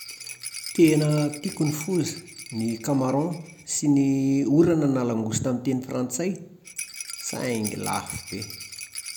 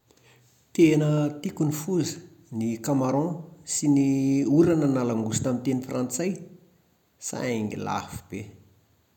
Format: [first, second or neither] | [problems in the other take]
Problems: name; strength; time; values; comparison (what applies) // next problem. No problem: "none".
second | background sound (Rattle); 15 dB below the speech